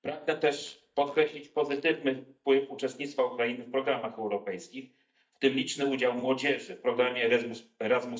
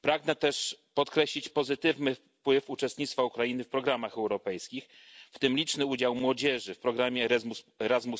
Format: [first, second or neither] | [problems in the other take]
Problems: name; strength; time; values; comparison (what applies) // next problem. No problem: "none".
second | noise reduction (neural mask model DeepFilterNet 3)